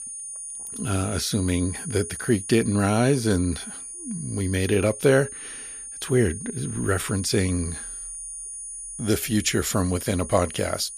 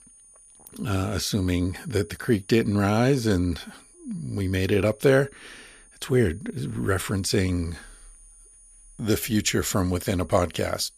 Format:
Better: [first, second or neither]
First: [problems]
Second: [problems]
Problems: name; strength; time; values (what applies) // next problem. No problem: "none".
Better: second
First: high-pitched whine; loud; throughout; 9.5 kHz, 9 dB below the speech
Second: high-pitched whine; faint; throughout; 9.5 kHz, 25 dB below the speech